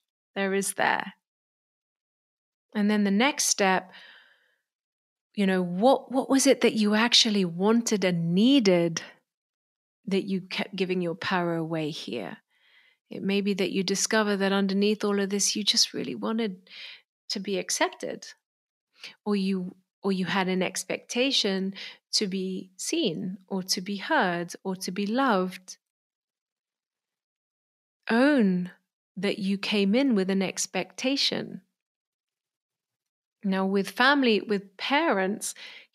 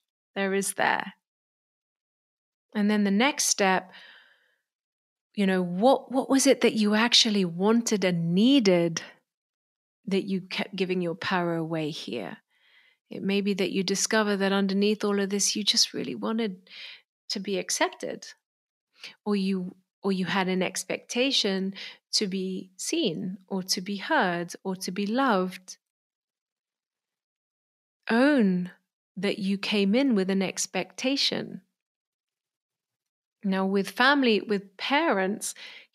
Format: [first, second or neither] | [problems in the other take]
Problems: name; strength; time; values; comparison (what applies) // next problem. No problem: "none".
neither | none